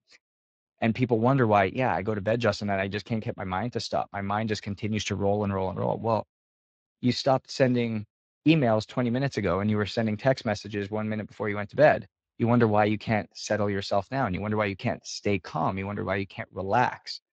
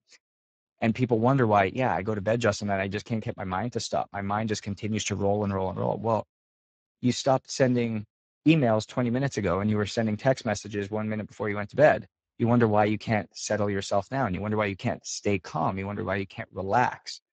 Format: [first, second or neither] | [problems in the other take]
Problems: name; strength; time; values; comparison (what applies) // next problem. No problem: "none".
first | garbled, watery; badly; nothing above 7.5 kHz; slightly in the first